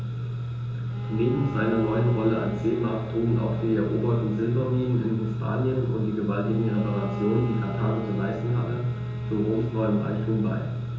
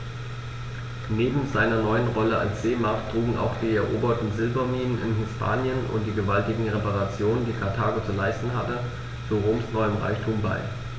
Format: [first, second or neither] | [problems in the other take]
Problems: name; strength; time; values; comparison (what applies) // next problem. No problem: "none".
second | background sound (Bowed string instrument); 17 dB below the speech // room echo; dies away in 0.6 s